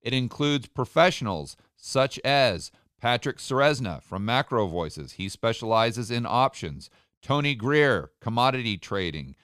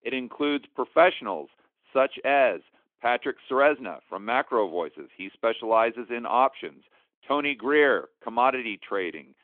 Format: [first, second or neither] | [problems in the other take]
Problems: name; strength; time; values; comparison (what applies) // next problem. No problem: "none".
first | phone-call audio; nothing above 3.5 kHz